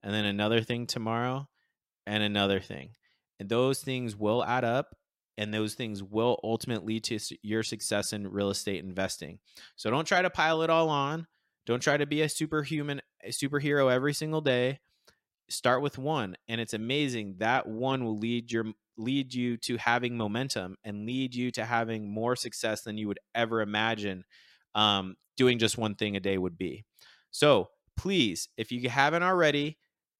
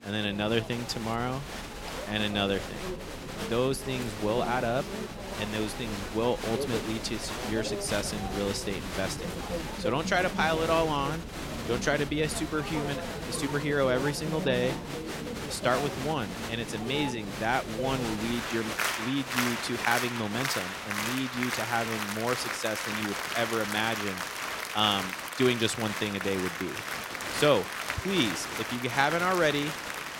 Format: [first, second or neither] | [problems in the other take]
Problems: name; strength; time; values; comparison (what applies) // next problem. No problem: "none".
first | crowd noise; loud; throughout; 4 dB below the speech